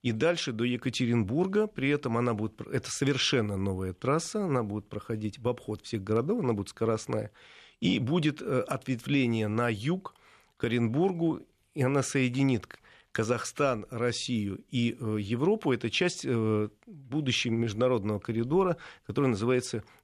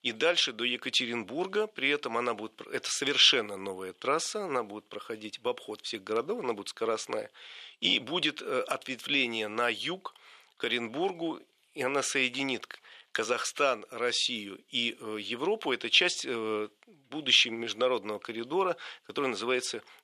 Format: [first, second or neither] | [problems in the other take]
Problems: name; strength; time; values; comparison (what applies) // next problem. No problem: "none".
first | thin; somewhat; fading below 450 Hz